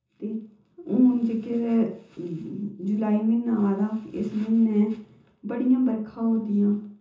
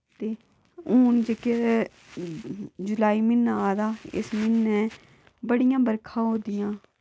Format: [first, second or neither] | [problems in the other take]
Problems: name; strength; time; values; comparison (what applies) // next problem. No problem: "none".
second | room echo; dies away in 0.6 s